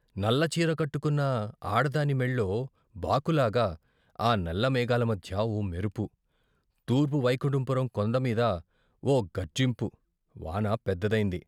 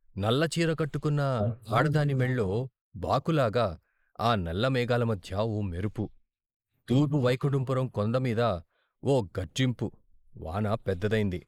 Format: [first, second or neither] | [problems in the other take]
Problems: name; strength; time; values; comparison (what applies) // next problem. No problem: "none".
first | noise reduction (neural mask model Resemble Enhance denoiser)